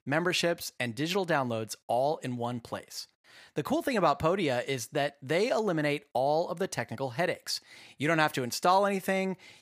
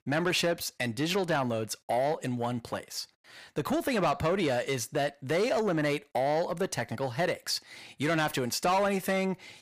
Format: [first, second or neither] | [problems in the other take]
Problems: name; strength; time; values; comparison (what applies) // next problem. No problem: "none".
first | distortion; slight; 10 dB below the speech